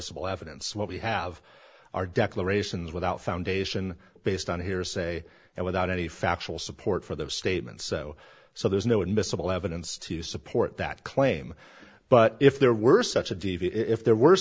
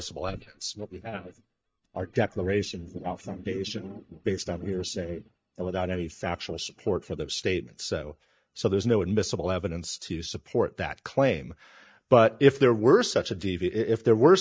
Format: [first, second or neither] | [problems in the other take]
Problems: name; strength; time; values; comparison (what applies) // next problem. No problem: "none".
first | noise reduction (neural mask model DeepFilterNet 3)